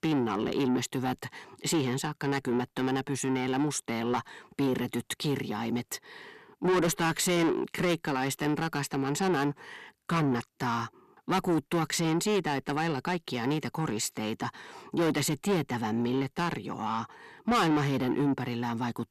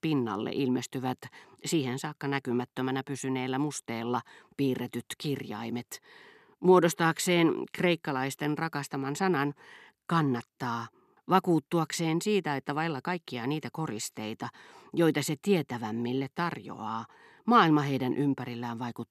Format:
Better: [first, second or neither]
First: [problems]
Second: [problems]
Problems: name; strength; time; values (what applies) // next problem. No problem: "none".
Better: second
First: distortion; heavy; 6 dB below the speech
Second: none